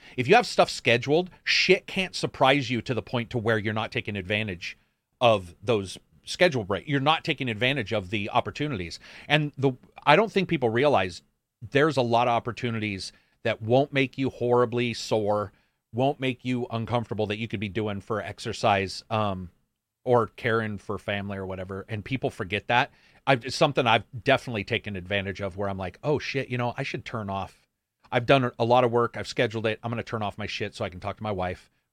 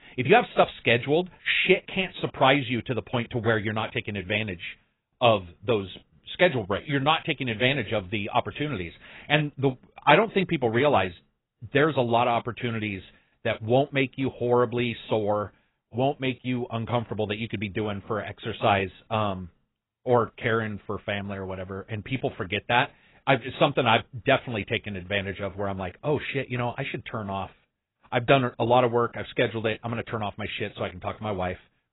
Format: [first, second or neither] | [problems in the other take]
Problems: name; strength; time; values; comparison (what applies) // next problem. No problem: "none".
first | garbled, watery; badly; nothing above 4 kHz